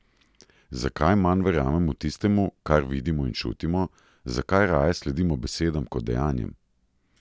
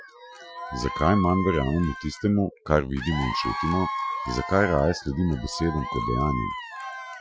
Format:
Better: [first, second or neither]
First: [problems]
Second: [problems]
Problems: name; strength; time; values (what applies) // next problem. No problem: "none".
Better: first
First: none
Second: noise reduction (classical method Wiener filter)